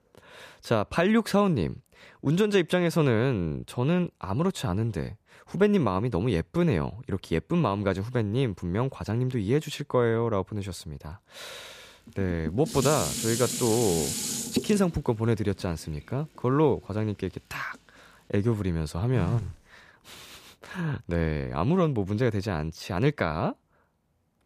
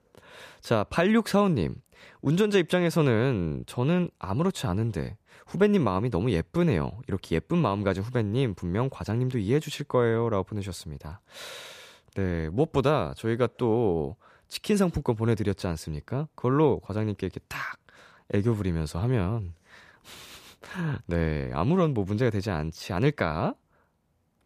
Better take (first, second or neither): second